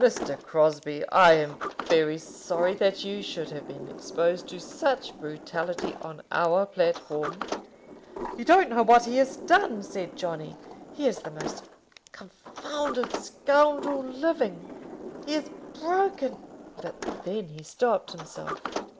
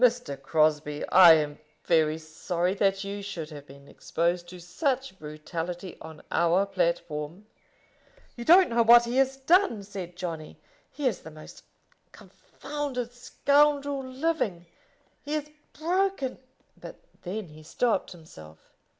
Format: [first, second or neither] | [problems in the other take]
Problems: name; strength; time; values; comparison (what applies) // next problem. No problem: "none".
second | background sound (Sliding door); 12 dB below the speech